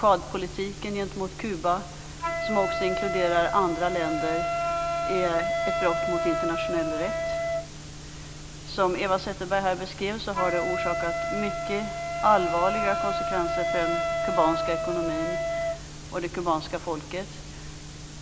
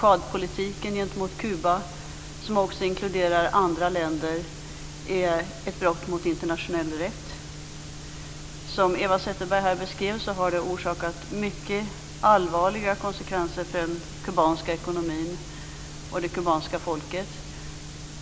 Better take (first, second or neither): second